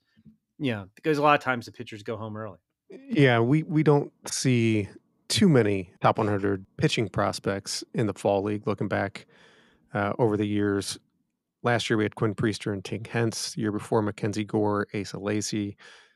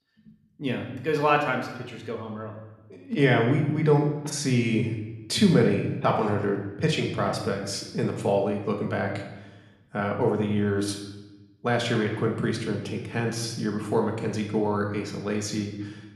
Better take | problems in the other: first | room echo; slight; dies away in 0.9 s // off-mic speech; somewhat distant

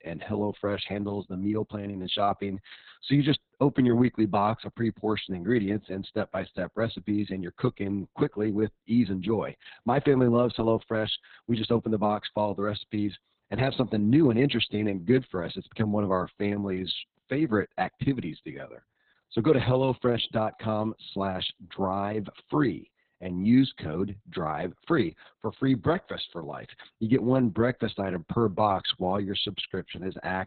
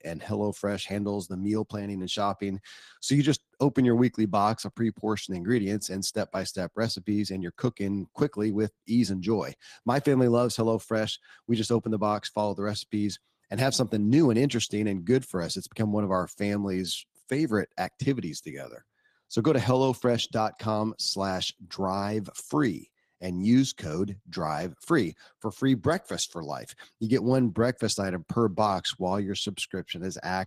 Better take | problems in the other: second | garbled, watery; badly; nothing above 4 kHz; slightly in the second

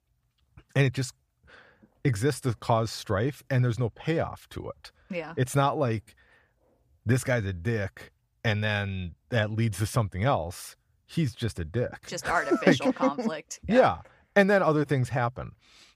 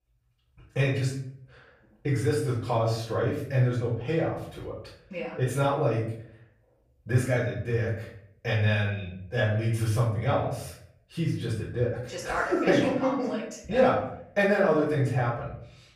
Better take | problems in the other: first | off-mic speech; far // room echo; noticeable; dies away in 0.6 s

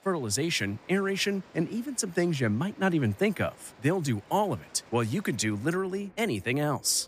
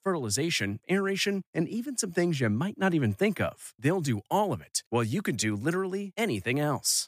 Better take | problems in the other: second | train or aircraft noise; faint; throughout; 25 dB below the speech

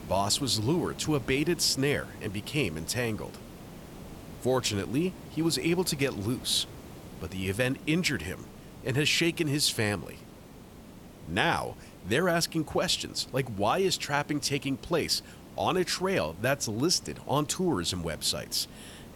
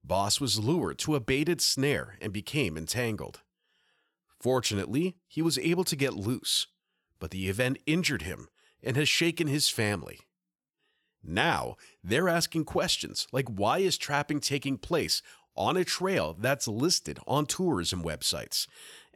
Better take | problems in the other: second | hiss; noticeable; throughout; 20 dB below the speech

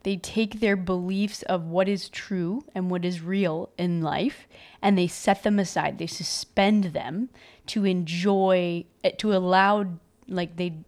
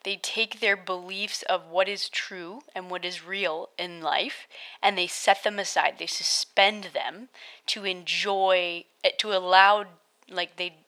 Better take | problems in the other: first | thin; very; fading below 700 Hz

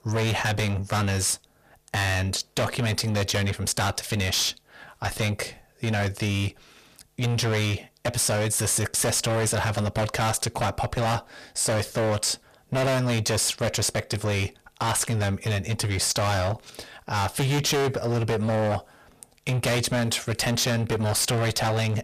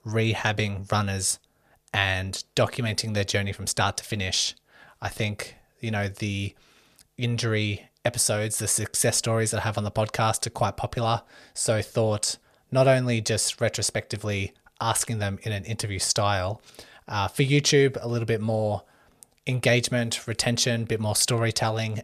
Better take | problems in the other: second | distortion; heavy; 25% of the sound clipped

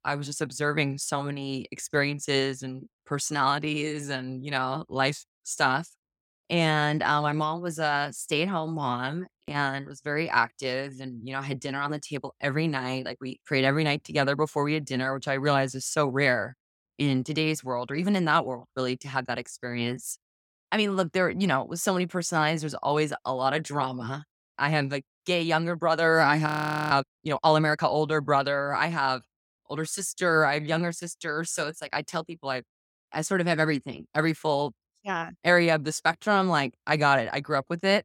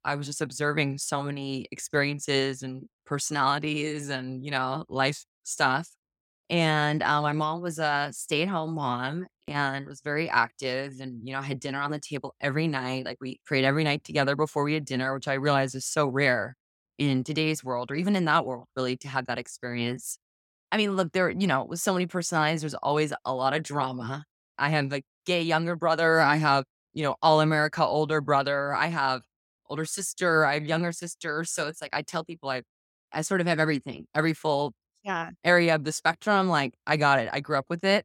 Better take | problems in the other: second | audio freezing; at 26 s

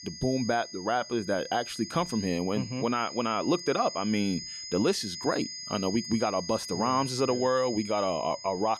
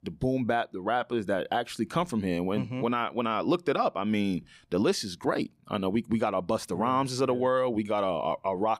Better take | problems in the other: second | high-pitched whine; loud; throughout; 5 kHz, 9 dB below the speech

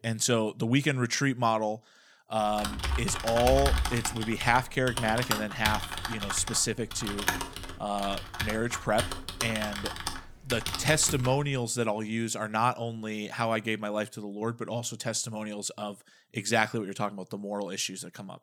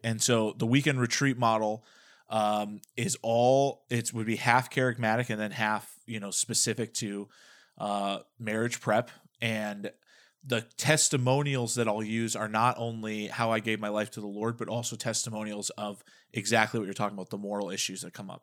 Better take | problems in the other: second | keyboard typing; loud; from 2.5 to 11 s; peak 2 dB above the speech

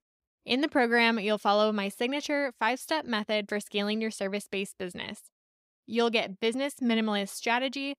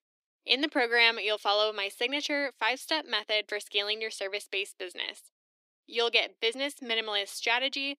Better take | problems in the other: first | thin; somewhat; fading below 300 Hz

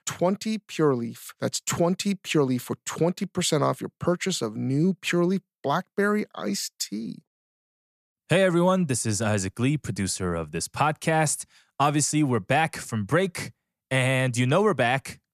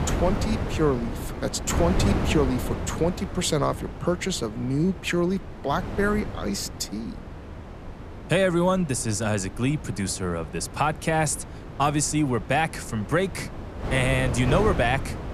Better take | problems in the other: first | wind noise on the microphone; occasional gusts; 10 dB below the speech

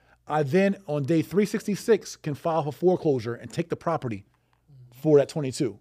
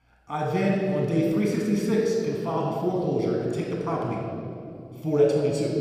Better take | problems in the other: first | room echo; noticeable; dies away in 2.3 s // off-mic speech; somewhat distant

